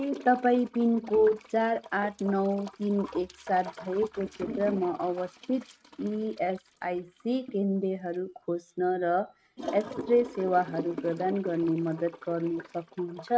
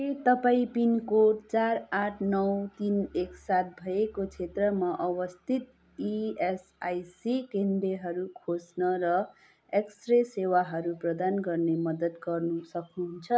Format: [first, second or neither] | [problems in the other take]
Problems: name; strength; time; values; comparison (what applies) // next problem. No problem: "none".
second | noise reduction (neural mask model RNNoise)